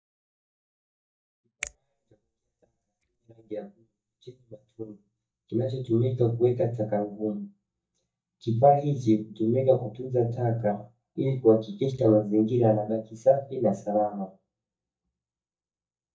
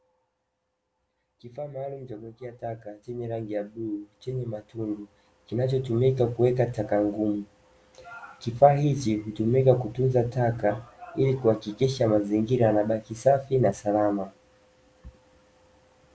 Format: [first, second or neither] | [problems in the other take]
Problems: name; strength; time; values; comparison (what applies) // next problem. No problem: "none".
second | noise reduction (neural mask model DeepFilterNet 3)